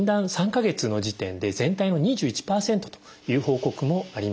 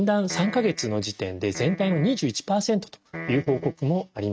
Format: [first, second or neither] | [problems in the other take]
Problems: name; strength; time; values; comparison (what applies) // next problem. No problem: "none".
first | noise reduction (neural mask model RNNoise)